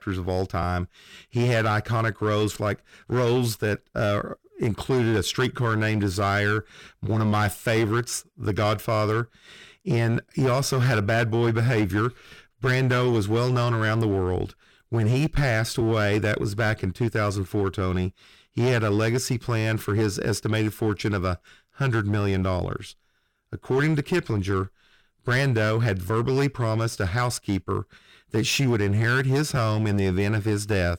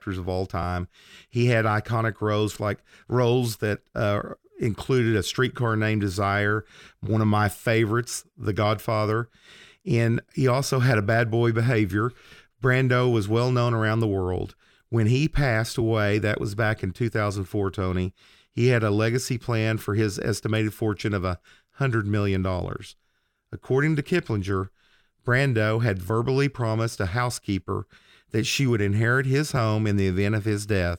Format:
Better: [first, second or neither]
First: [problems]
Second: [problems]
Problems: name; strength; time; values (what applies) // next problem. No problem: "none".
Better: second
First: distortion; slight; 10% of the sound clipped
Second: none